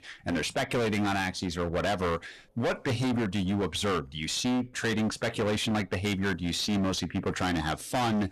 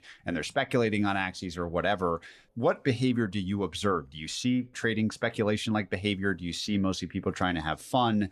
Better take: second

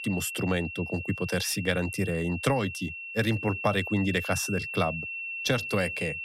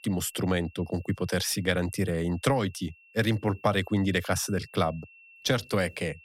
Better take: second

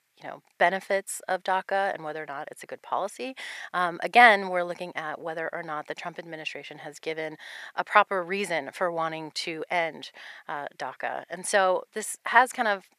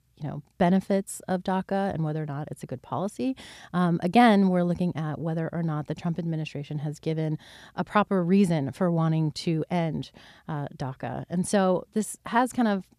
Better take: second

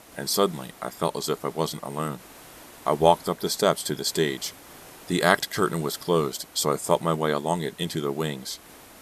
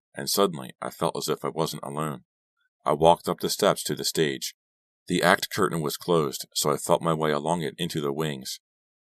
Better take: second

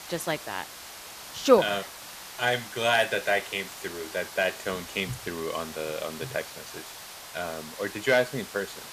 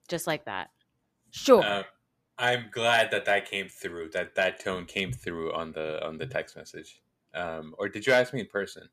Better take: second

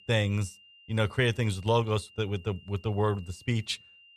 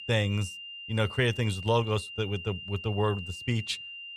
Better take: first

